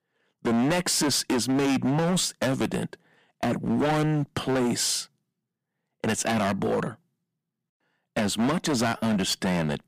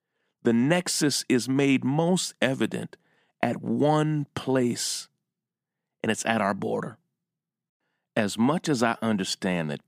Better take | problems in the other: second | distortion; heavy; 17% of the sound clipped

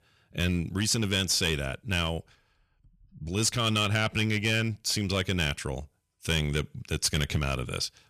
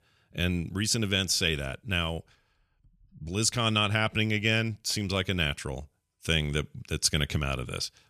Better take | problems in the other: second | distortion; slight; 4% of the sound clipped

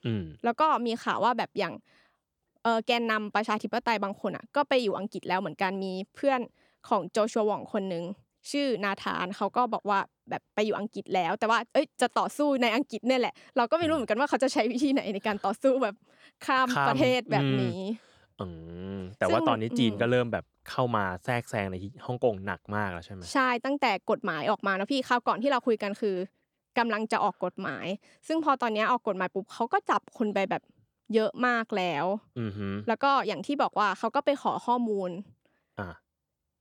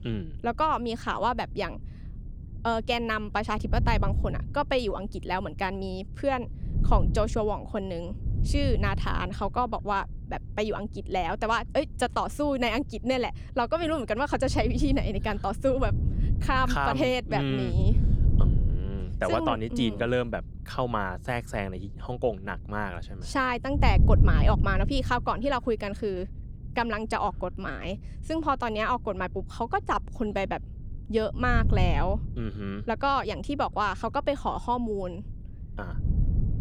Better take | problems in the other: first | wind noise on the microphone; occasional gusts; 20 dB below the speech

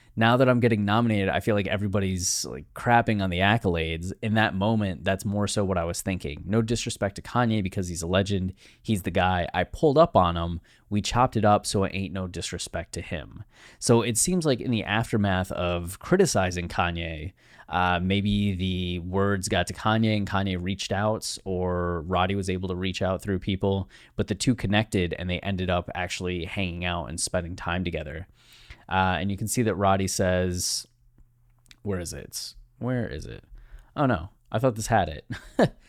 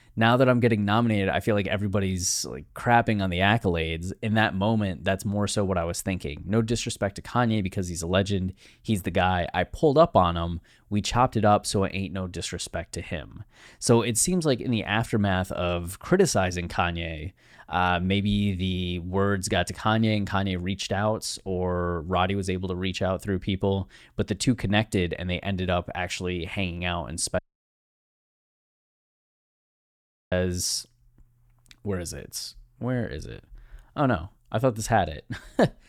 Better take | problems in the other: first | audio cutting out; at 27 s for 3 s

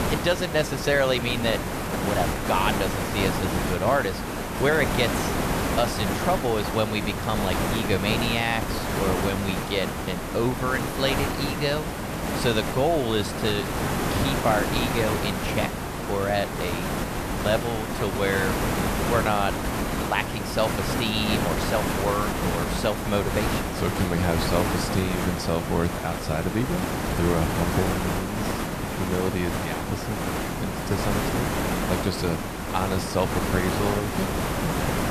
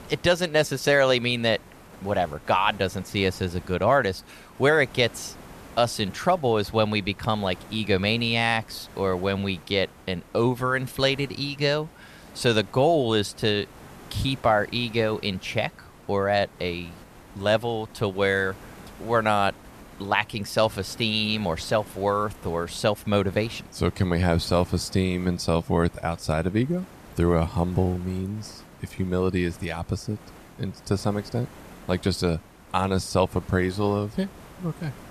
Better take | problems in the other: second | hiss; loud; throughout; as loud as the speech; faint in the second

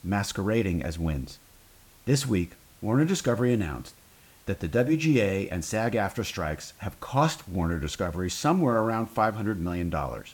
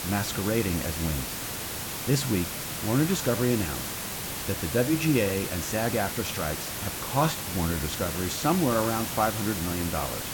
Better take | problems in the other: first | hiss; loud; throughout; 3 dB below the speech; faint in the first

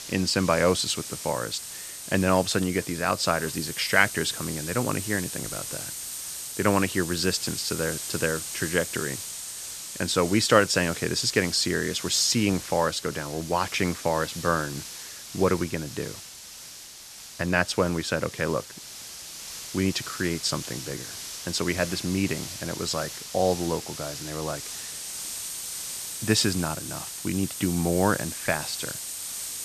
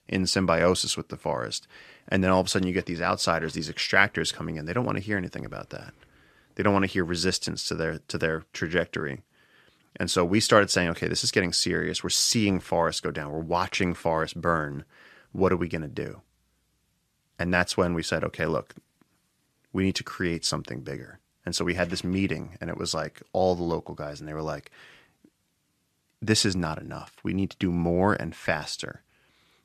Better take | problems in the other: second | hiss; loud; throughout; 8 dB below the speech

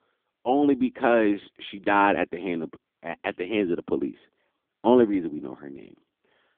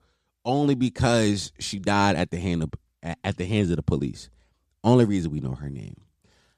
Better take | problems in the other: second | phone-call audio; poor line; nothing above 3.5 kHz

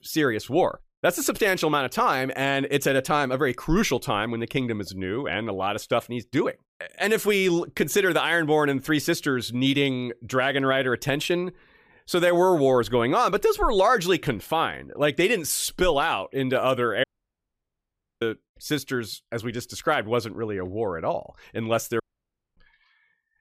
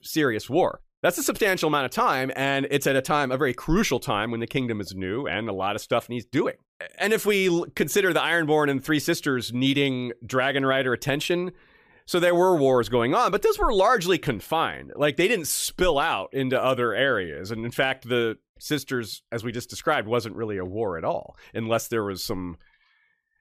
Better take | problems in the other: second | audio cutting out; at 17 s for 1 s and at 22 s for 0.5 s

